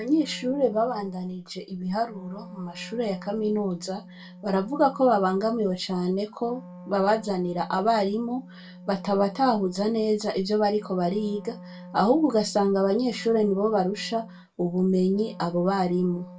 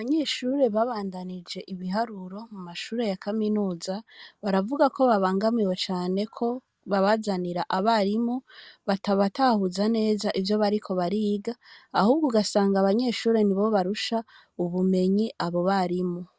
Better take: second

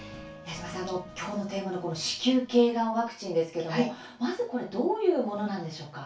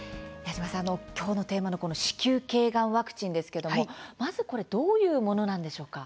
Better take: second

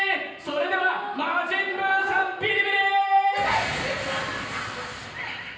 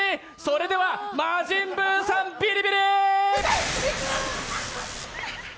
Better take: second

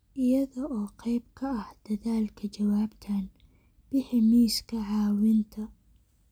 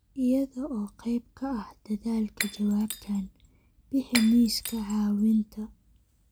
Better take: first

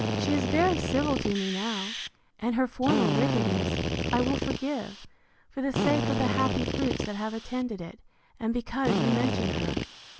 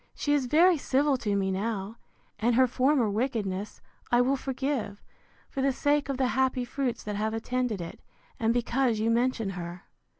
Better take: second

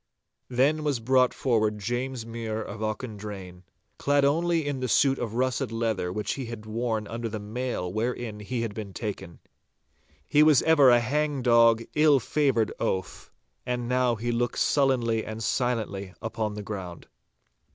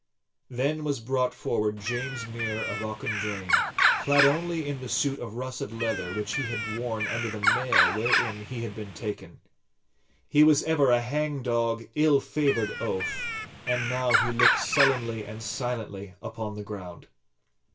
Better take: first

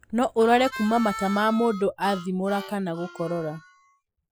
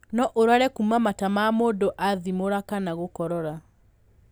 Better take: second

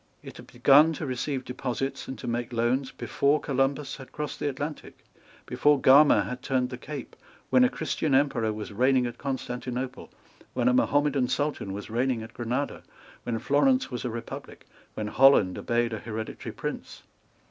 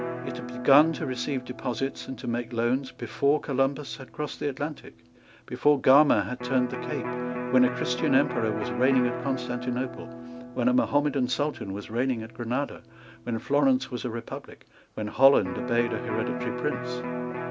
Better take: first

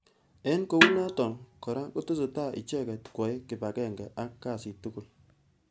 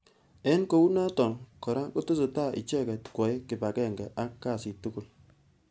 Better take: second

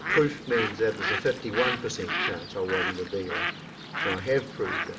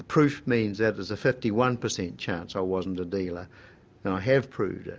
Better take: second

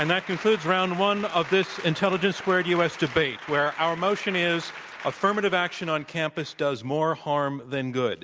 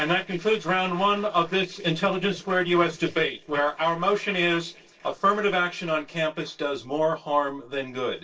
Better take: first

